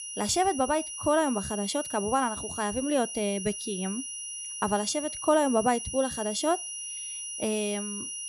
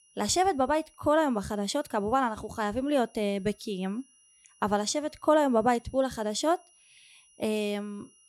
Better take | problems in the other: second | high-pitched whine; loud; throughout; 10 kHz, 6 dB below the speech; faint in the second

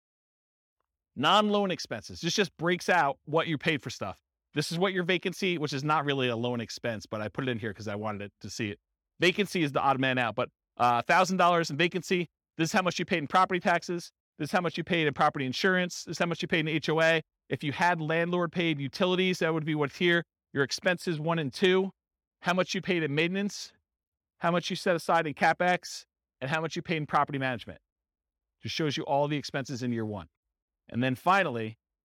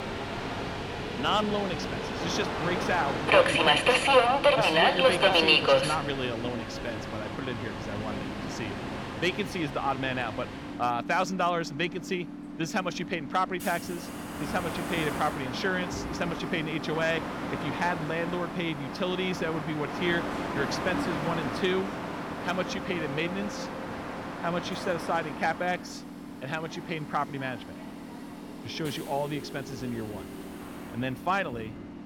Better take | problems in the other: first | train or aircraft noise; very loud; throughout; 2 dB above the speech

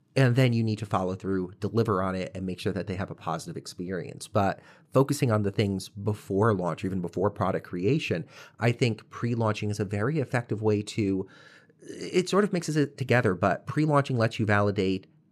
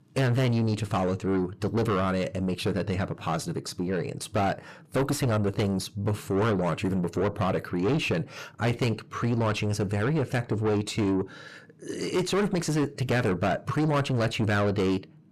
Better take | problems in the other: first | distortion; heavy; 6 dB below the speech

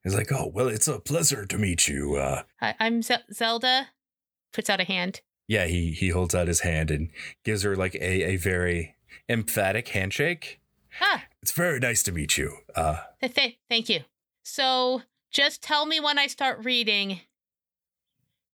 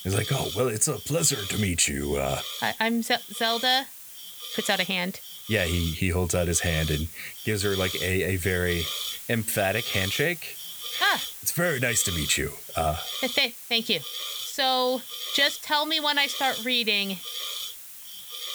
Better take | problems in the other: first | hiss; loud; throughout; 7 dB below the speech

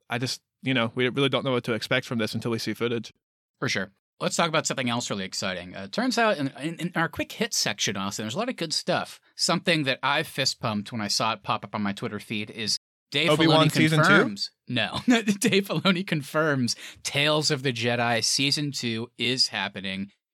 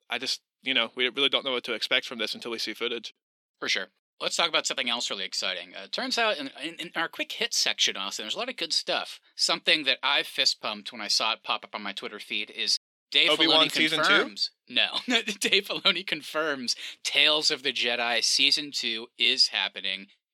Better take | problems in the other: first | thin; somewhat; fading below 300 Hz

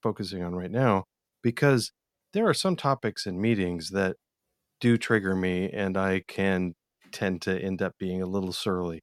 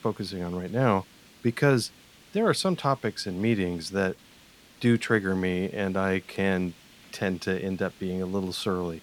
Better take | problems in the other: first | hiss; faint; throughout; 25 dB below the speech

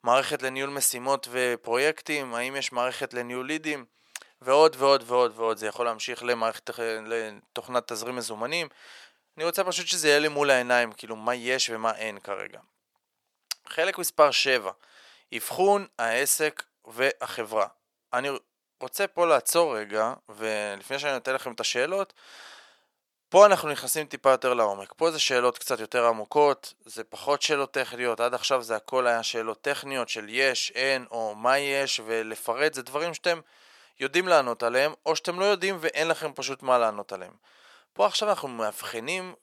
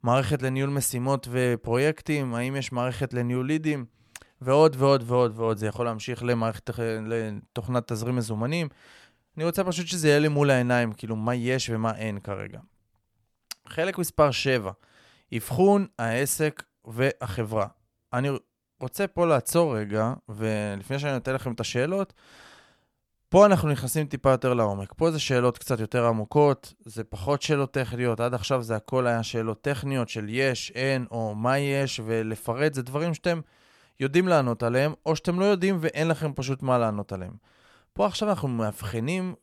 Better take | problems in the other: second | thin; very; fading below 500 Hz

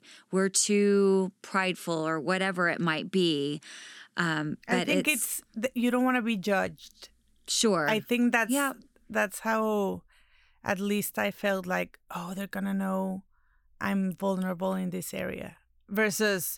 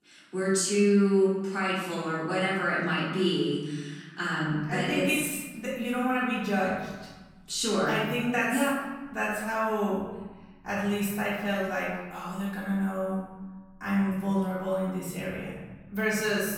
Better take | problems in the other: first | off-mic speech; far // room echo; noticeable; dies away in 1.3 s

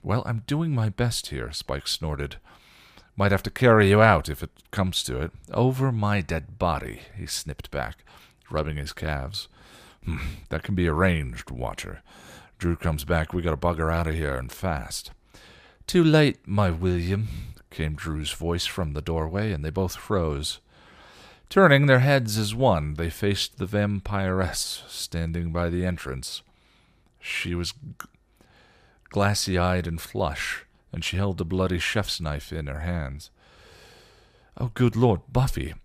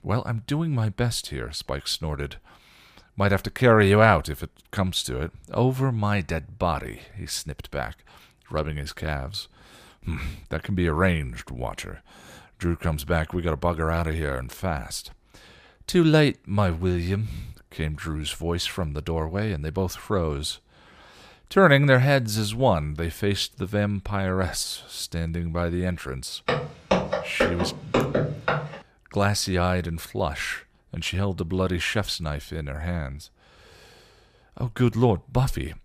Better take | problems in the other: first | footsteps; loud; from 26 to 29 s; peak 2 dB above the speech

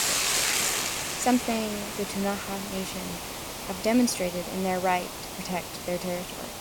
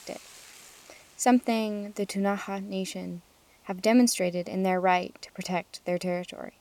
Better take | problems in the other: second | hiss; loud; throughout; 1 dB below the speech; faint in the second

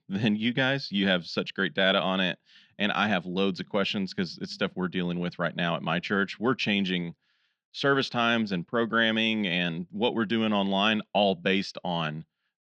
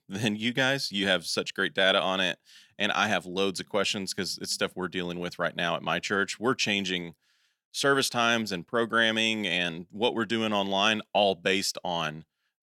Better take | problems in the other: second | muffled; very slightly; fading above 4.5 kHz

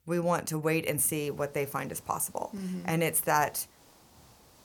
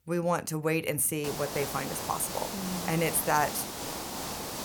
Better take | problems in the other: first | hiss; loud; from 1 s on; 6 dB below the speech; faint in the first

